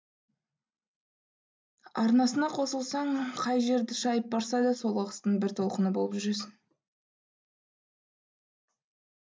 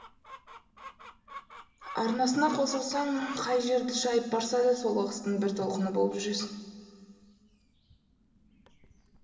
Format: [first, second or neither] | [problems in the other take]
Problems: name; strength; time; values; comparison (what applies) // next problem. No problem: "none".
first | background sound (Chicken, rooster); 19 dB below the speech // room echo; dies away in 2.5 s